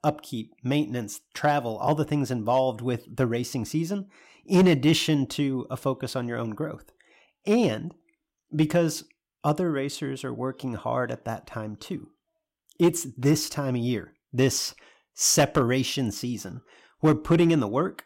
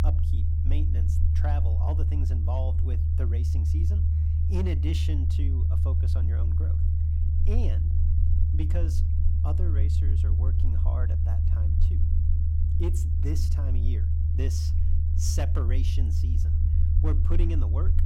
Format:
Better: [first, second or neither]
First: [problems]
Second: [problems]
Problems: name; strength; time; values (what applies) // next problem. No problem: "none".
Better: first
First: none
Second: low rumble; loud; throughout; 1 dB below the speech